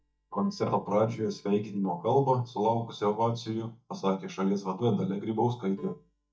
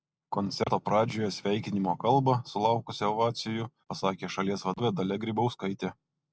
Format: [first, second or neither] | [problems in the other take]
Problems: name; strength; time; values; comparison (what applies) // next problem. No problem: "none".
second | noise reduction (neural mask model DeepFilterNet 3)